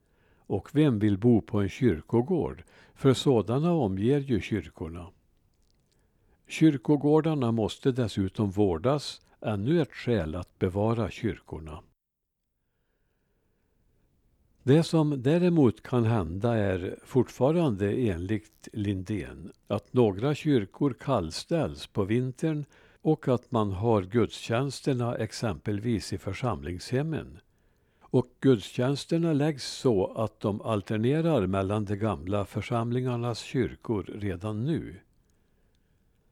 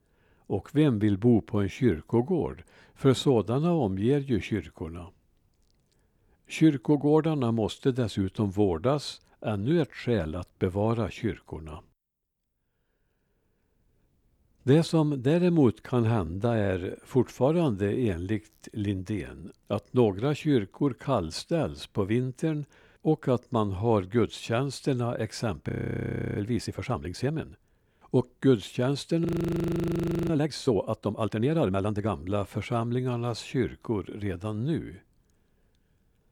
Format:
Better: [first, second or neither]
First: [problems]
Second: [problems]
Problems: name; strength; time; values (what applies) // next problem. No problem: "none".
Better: first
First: none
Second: audio freezing; at 26 s for 0.5 s and at 29 s for 1 s